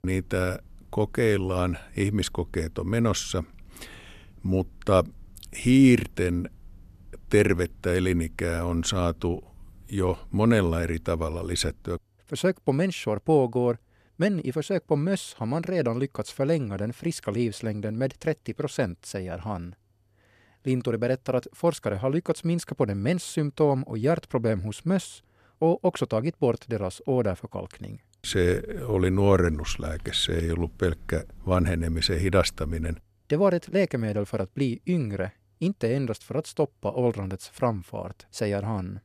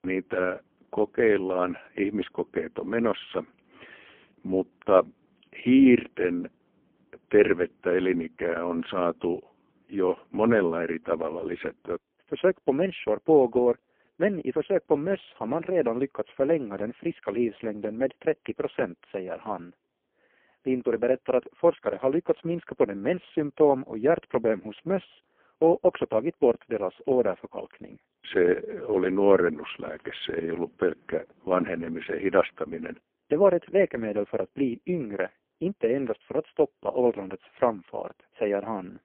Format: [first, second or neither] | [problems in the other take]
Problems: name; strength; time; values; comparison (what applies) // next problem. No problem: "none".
first | phone-call audio; poor line; nothing above 3.5 kHz